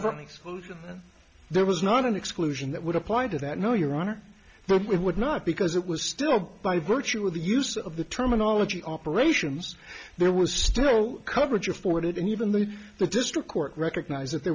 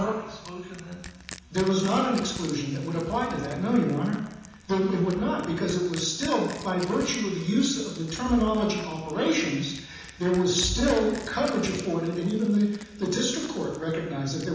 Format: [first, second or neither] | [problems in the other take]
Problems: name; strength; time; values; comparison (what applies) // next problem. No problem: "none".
first | background sound (Crushing); 19 dB below the speech // room echo; dies away in 1.1 s